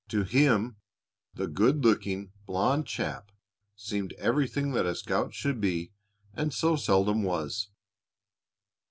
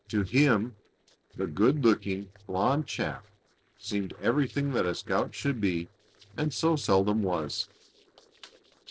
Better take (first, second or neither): first